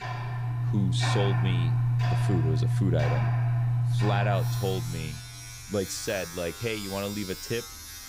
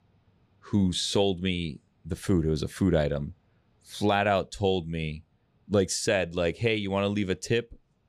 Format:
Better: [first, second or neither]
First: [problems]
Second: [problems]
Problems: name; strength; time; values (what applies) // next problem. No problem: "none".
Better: second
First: household noises; very loud; throughout; 4 dB above the speech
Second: none